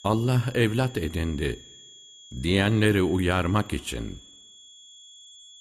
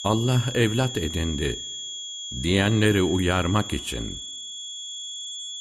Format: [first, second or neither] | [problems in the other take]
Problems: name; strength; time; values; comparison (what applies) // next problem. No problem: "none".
first | high-pitched whine; loud; throughout; 3.5 kHz, 9 dB below the speech; faint in the first